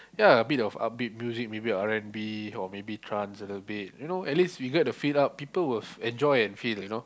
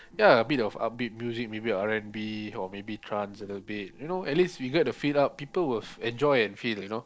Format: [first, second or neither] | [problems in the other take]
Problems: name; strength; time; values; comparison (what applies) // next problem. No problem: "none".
first | noise reduction (neural separator model SepFormer DNS4)